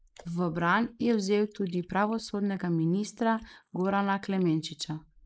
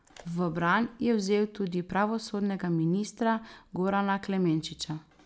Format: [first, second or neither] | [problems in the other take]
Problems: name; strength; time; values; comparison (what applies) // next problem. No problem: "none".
second | noise reduction (neural mask model Resemble Enhance denoiser)